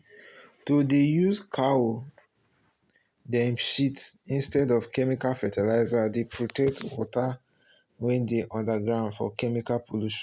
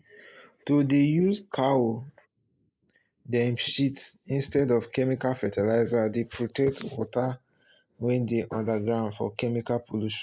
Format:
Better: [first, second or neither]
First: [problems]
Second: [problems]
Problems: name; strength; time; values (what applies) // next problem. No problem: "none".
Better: first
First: none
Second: noise reduction (neural mask model Resemble Enhance denoiser)